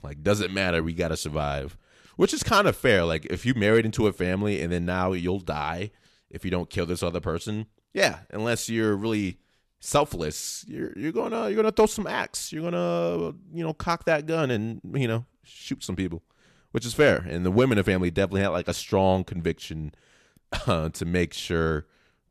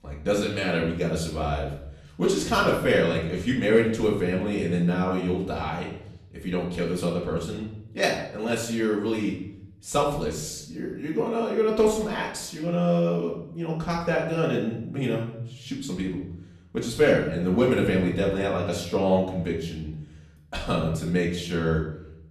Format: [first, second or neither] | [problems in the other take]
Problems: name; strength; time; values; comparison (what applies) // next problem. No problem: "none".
first | off-mic speech; far // room echo; noticeable; dies away in 0.7 s